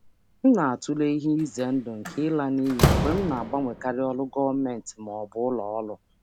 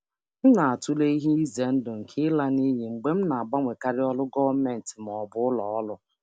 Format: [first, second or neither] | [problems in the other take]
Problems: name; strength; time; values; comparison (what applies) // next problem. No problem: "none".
second | background sound (Slam); 5 dB below the speech